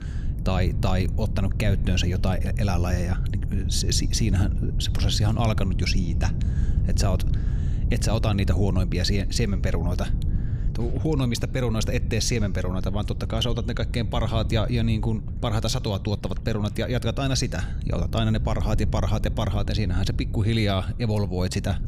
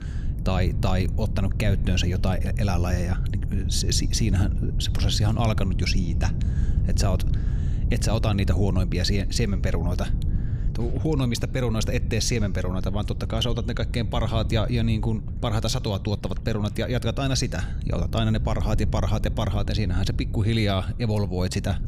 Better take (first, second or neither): neither